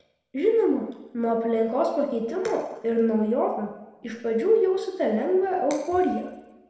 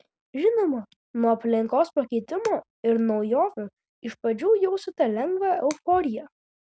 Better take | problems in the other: second | room echo; dies away in 1 s

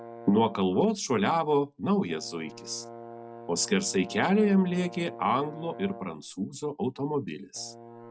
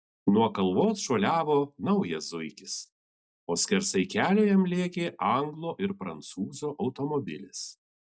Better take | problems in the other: second | background sound (Brass instrument); 17 dB below the speech

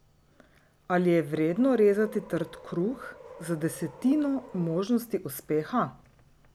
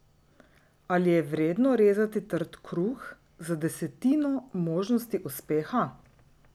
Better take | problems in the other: second | background sound (Subway, metro, underground); 19 dB below the speech

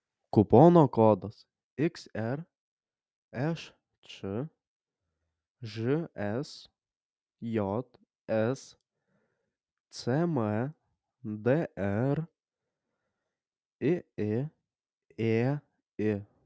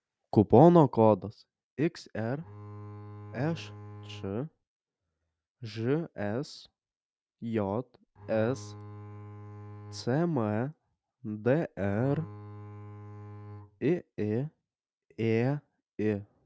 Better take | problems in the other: first | background sound (Bowed string instrument); 15 dB below the speech

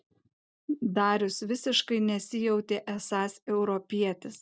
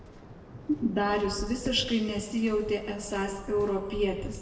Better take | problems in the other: first | background sound (Waves, surf); 12 dB below the speech // room echo; dies away in 1.2 s

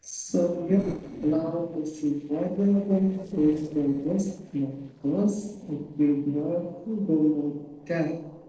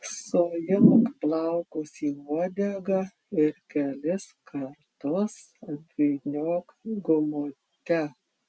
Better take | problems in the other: second | noise reduction (neural separator model SepFormer DNS4)

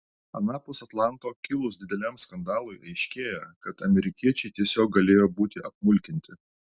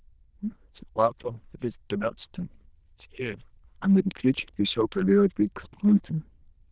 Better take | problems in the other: first | noise reduction (neural diffusion model UNIVERSE++)

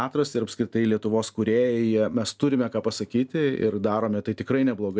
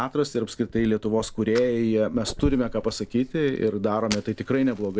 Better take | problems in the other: first | background sound (Fire); 14 dB below the speech

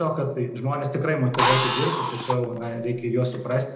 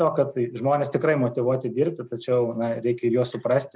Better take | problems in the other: second | background sound (Drill); 1 dB below the speech // room echo; dies away in 0.7 s

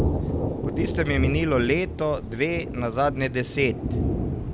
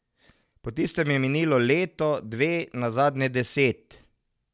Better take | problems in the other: second | background sound (Thunder); 1 dB below the speech

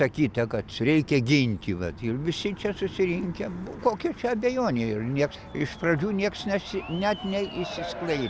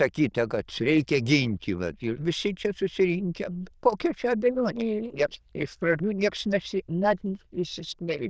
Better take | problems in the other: first | noise reduction (neural diffusion model UNIVERSE++)

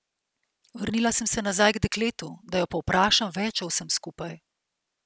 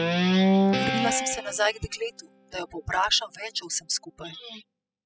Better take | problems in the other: first | noise reduction (classical method spectral subtraction)

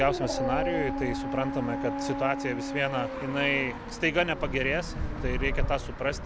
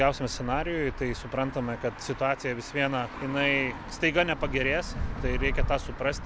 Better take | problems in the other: second | background sound (Dog); 6 dB below the speech

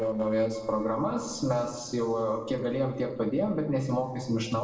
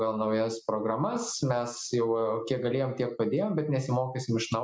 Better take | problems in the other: second | noise reduction (neural separator model SepFormer DNS4)

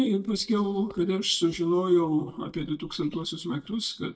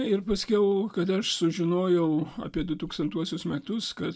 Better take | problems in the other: second | noise reduction (neural mask model DeepFilterNet 3)

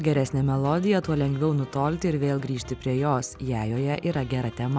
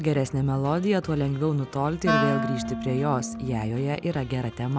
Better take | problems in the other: first | background sound (Wind instrument, woodwind instrument); 4 dB below the speech

